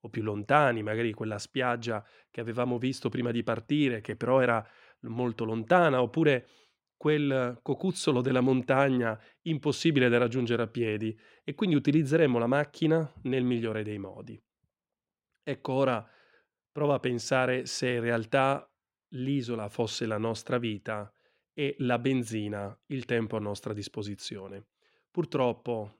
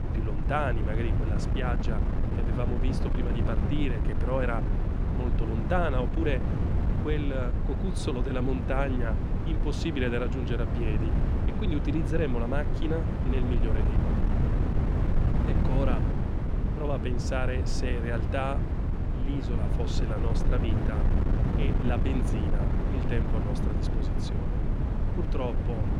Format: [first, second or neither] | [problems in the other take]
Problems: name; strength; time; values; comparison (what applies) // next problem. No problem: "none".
first | wind noise on the microphone; heavy; 3 dB below the speech